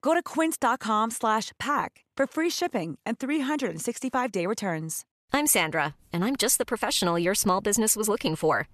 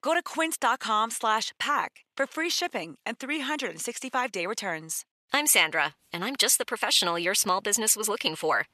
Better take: first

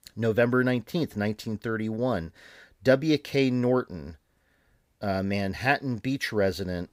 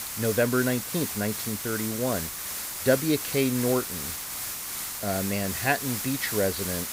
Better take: first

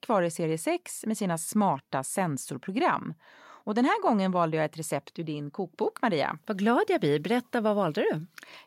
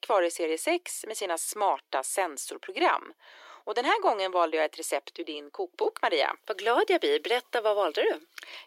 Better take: first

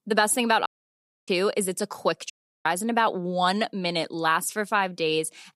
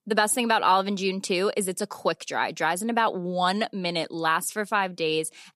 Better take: second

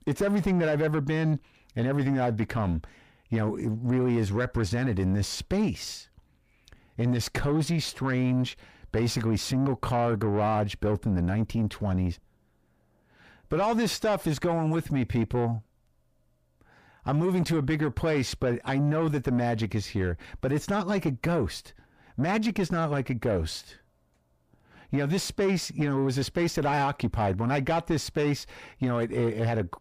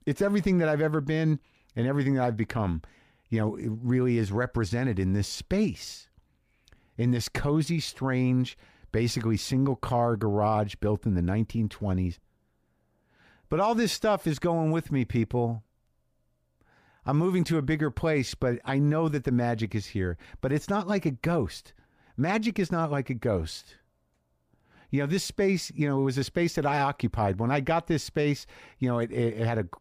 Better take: second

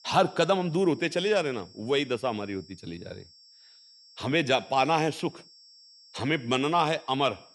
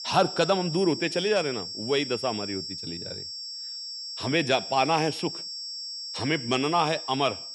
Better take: first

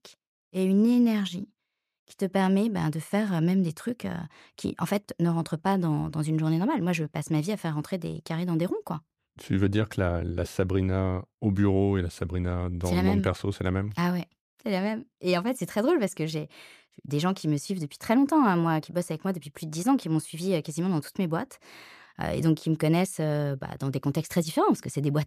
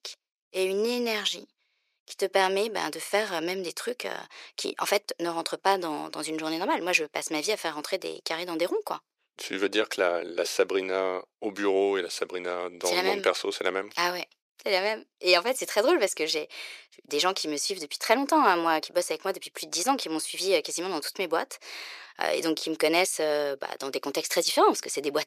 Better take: first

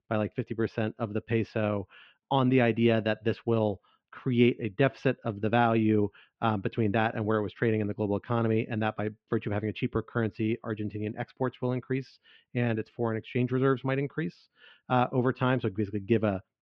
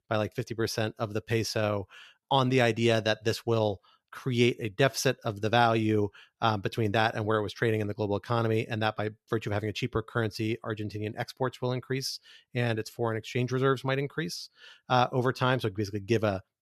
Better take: second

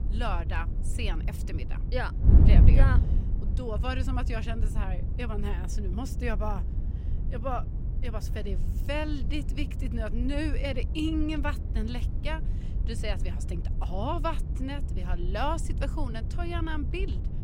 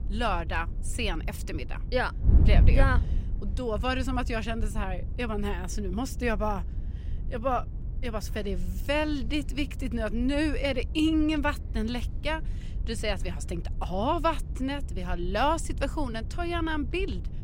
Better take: second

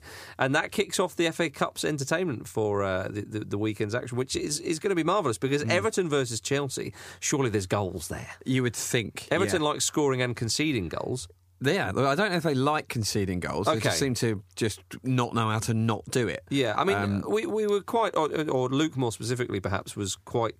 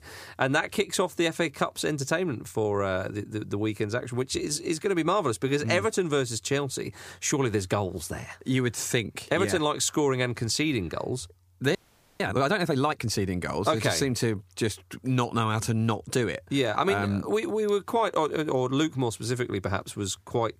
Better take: first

